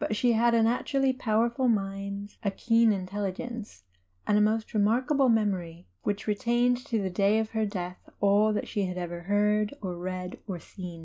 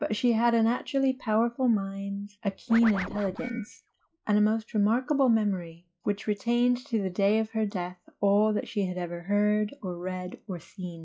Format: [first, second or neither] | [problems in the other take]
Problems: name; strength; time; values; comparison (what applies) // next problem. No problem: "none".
first | noise reduction (classical method log-MMSE)